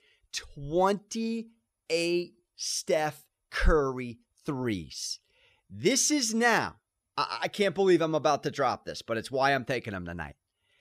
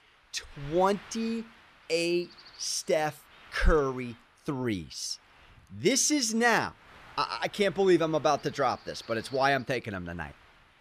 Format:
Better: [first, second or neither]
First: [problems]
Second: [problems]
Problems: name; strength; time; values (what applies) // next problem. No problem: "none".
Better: first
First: none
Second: wind noise on the microphone; occasional gusts; 20 dB below the speech